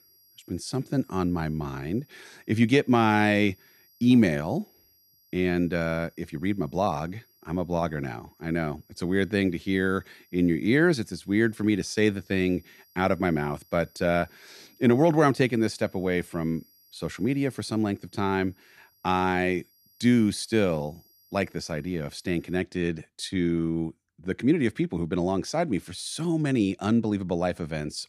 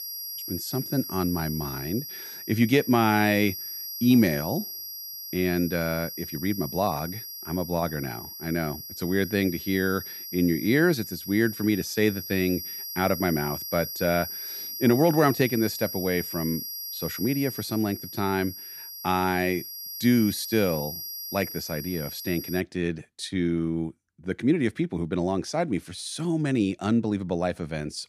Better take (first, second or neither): first